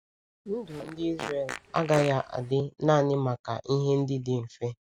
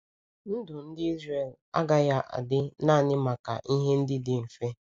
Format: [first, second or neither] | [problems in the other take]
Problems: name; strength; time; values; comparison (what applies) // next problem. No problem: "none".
second | background sound (Fart); 12 dB below the speech